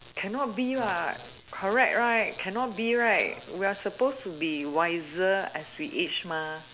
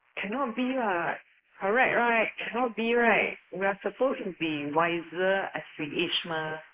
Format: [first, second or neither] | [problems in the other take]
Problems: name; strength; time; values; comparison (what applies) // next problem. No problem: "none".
first | noise reduction (neural mask model Resemble Enhance denoiser)